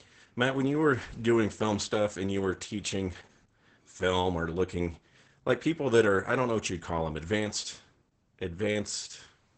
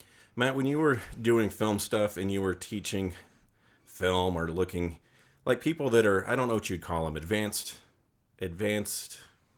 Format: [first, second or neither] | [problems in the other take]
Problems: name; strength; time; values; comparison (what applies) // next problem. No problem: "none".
second | garbled, watery; badly; nothing above 8 kHz; slightly in the second